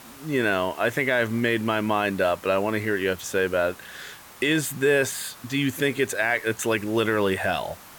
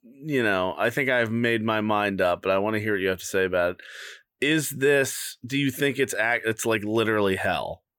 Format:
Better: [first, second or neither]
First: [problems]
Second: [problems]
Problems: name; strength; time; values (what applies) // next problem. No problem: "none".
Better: second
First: hiss; faint; throughout; 20 dB below the speech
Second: none